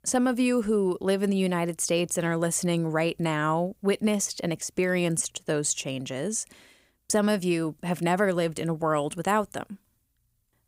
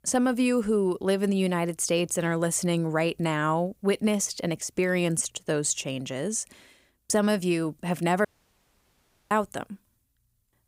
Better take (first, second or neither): first